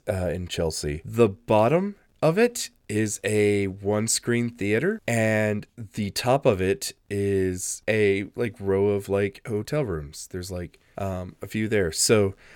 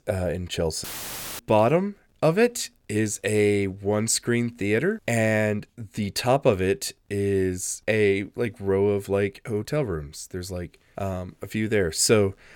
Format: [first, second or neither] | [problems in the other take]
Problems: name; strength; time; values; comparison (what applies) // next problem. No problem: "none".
first | audio cutting out; filled with static; at 1 s for 0.5 s